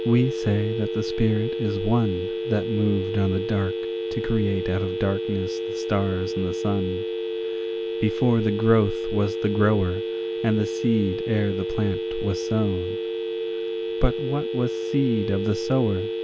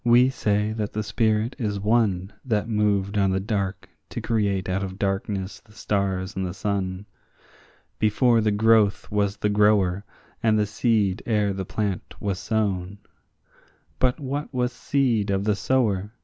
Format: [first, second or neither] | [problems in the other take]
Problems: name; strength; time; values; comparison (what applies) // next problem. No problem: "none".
second | background sound (Telephone); 3 dB below the speech